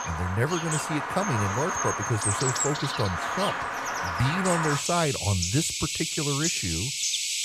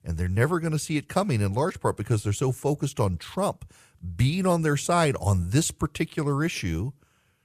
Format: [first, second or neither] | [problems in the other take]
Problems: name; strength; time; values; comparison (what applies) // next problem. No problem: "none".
second | animal sounds; very loud; throughout; 1 dB above the speech